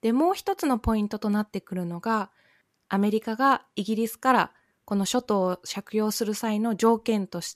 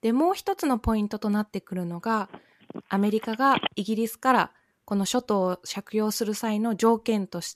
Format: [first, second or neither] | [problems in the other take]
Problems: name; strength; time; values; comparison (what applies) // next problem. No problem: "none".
first | phone ringing; noticeable; from 2.5 to 3.5 s; peak 4 dB below the speech